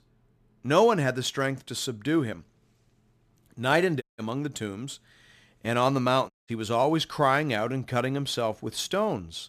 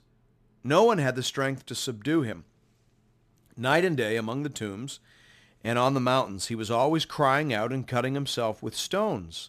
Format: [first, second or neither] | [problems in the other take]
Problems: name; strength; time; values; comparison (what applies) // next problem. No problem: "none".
second | audio cutting out; at 4 s and at 6.5 s